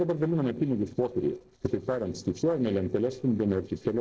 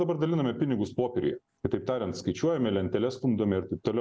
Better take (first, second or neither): second